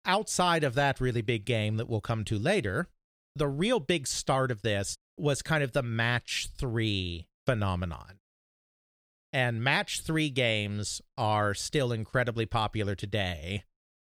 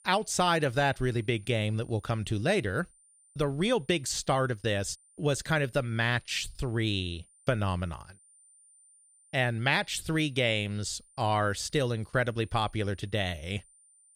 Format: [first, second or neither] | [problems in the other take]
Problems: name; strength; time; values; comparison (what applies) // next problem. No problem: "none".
first | high-pitched whine; faint; throughout; 9 kHz, 30 dB below the speech